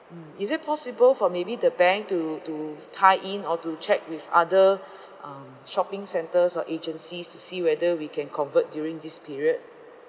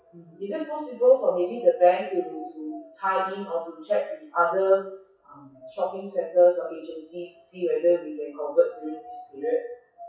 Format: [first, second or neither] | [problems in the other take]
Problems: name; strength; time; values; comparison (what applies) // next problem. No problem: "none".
first | noise reduction (classical method WPE with log-MMSE)